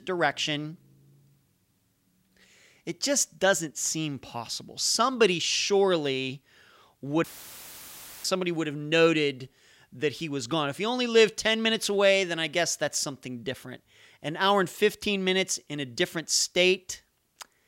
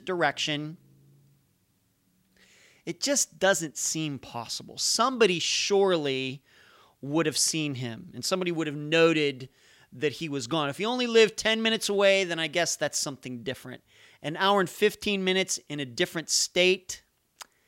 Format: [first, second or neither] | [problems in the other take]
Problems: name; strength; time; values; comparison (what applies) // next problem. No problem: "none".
second | audio cutting out; filled with static; at 7 s for 1 s